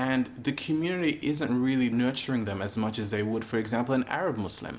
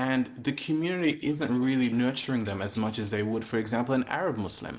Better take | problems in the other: first | noise reduction (neural mask model Resemble Enhance denoiser)

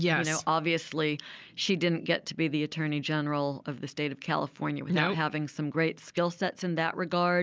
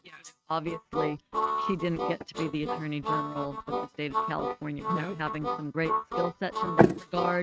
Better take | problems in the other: first | noise reduction (neural mask model RNNoise)

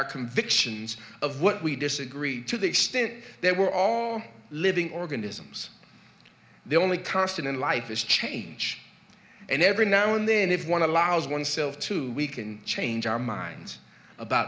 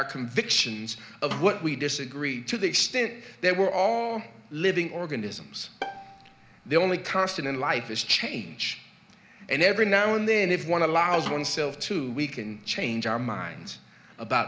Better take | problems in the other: first | background sound (Bowed string instrument + Snare drum); 14 dB below the speech

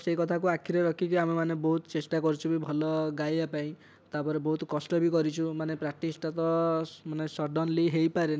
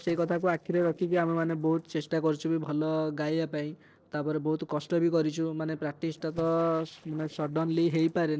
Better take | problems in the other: first | noise reduction (neural separator model SepFormer DNS4)

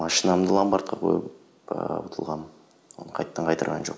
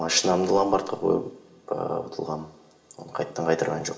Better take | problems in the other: first | room echo; dies away in 0.6 s

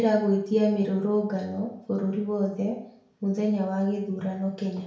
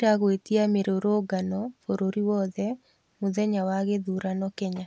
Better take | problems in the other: second | room echo; dies away in 0.6 s

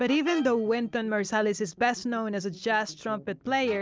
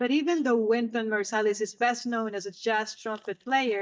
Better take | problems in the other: first | noise reduction (neural mask model DeepFilterNet 3)

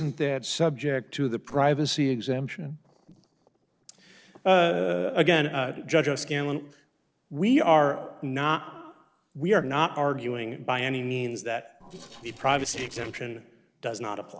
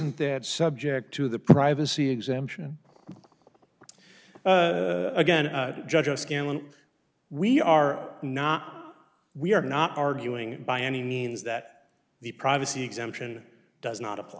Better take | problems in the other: second | noise reduction (neural separator model SepFormer DNS4)

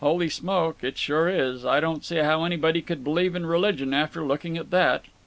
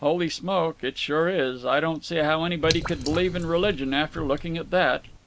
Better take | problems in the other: first | background sound (Drip / Water); 11 dB below the speech

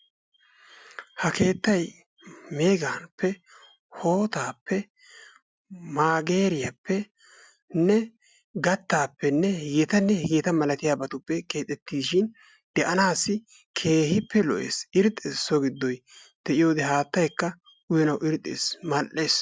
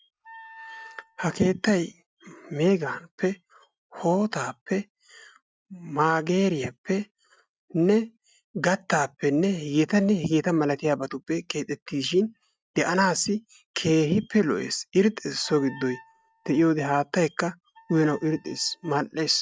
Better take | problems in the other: first | noise reduction (neural mask model RNNoise)

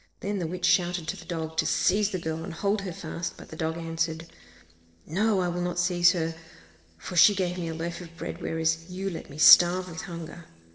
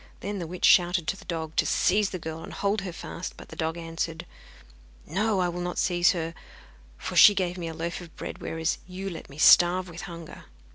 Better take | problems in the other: second | noise reduction (neural separator model SepFormer DNS4)

